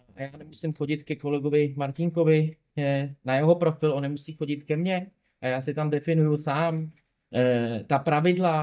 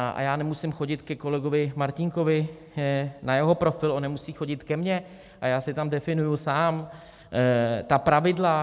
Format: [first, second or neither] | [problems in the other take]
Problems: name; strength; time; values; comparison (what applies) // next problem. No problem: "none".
second | noise reduction (neural mask model DeepFilterNet 3)